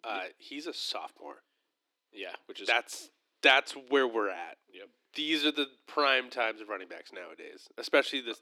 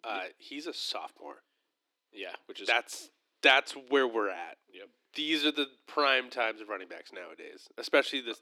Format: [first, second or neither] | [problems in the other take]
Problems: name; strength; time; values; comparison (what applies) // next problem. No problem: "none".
neither | thin; somewhat; fading below 300 Hz; the same in both